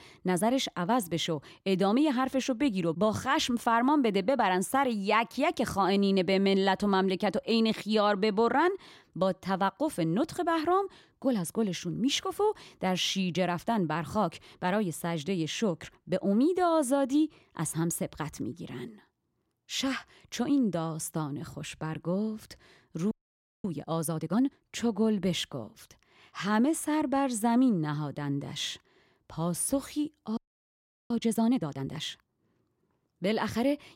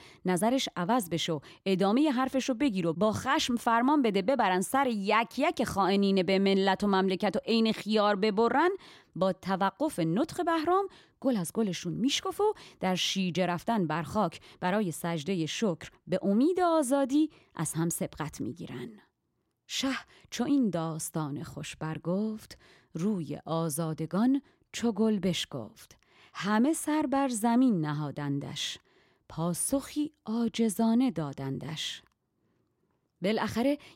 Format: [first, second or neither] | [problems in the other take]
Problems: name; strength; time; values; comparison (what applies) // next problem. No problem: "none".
second | audio freezing; at 23 s for 0.5 s and at 30 s for 0.5 s